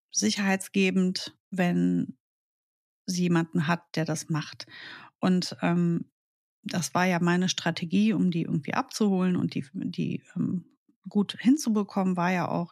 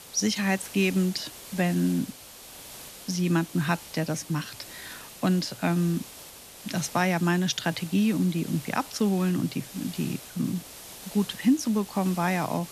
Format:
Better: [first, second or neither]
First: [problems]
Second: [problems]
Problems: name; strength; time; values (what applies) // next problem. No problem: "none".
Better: first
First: none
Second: hiss; noticeable; throughout; 15 dB below the speech